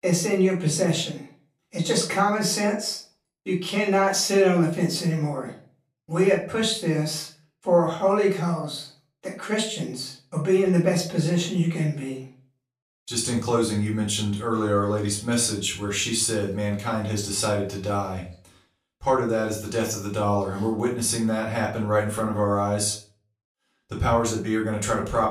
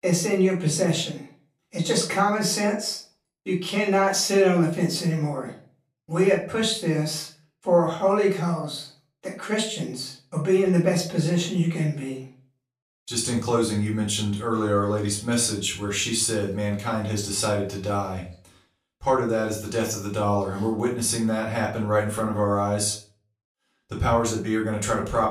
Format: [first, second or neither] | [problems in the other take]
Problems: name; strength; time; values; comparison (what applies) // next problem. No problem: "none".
neither | off-mic speech; far; the same in both // room echo; slight; dies away in 0.3 s; the same in both